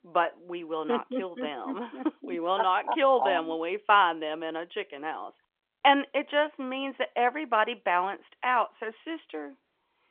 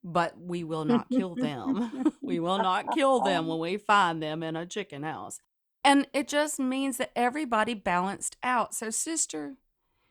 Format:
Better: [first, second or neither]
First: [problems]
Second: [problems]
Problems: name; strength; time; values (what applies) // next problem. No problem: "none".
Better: second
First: phone-call audio; nothing above 3.5 kHz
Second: none